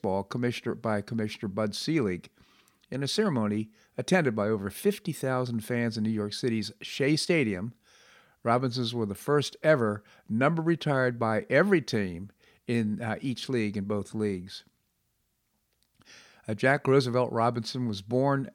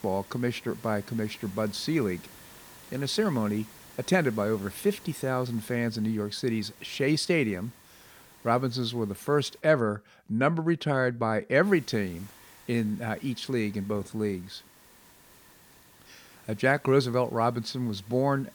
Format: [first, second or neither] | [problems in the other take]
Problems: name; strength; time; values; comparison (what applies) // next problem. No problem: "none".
first | hiss; faint; until 9.5 s and from 12 s on; 20 dB below the speech